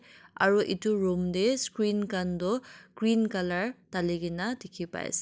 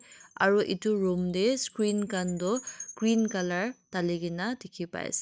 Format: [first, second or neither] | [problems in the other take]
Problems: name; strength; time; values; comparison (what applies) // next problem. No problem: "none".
first | noise reduction (neural mask model RNNoise)